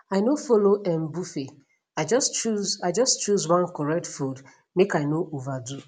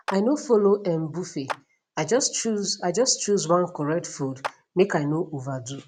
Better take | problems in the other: first | background sound (Clapping); 16 dB below the speech

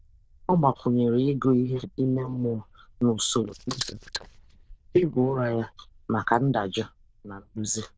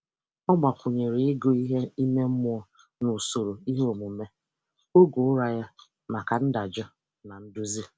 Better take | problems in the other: second | noise reduction (neural diffusion model UNIVERSE++)

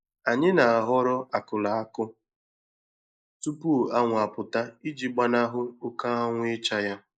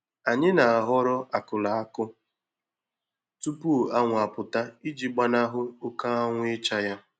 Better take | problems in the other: second | noise reduction (neural mask model Resemble Enhance denoiser)

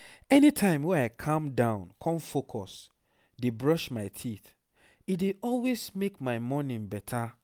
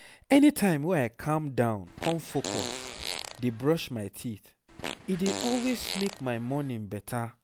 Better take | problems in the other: first | background sound (Fart); 9 dB below the speech

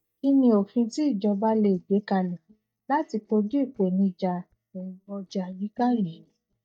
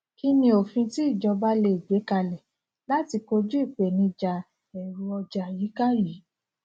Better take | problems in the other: second | noise reduction (neural mask model DeepFilterNet 3)

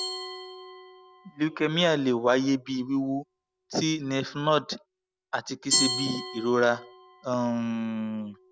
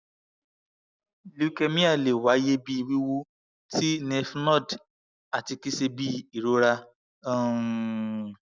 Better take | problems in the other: second | background sound (Glass); 8 dB below the speech

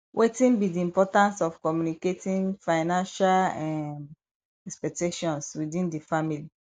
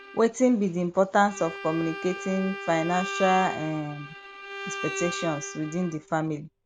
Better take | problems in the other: first | background sound (Bowed string instrument); 11 dB below the speech

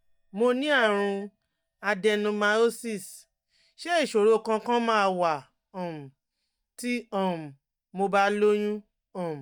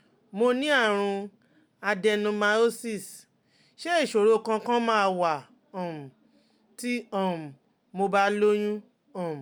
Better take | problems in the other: second | noise reduction (neural mask model DeepFilterNet 3)

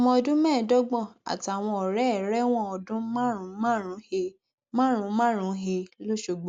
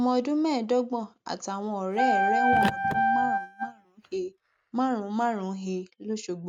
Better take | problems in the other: first | noise reduction (neural mask model RNNoise)

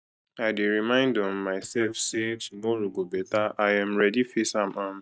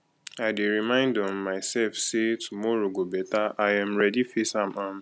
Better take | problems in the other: second | noise reduction (neural mask model DeepFilterNet 3)

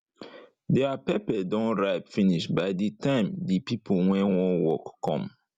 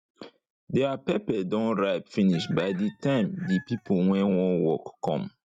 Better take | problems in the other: first | noise reduction (neural mask model RNNoise)

